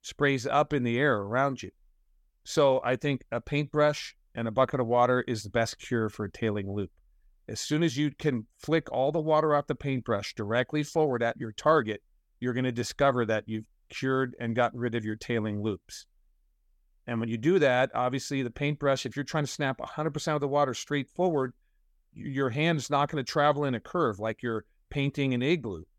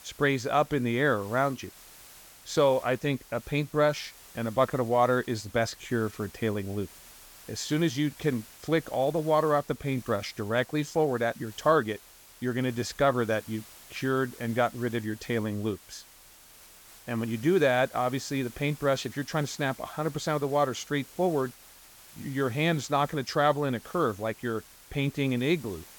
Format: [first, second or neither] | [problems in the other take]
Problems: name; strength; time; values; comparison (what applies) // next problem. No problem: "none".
first | hiss; faint; throughout; 20 dB below the speech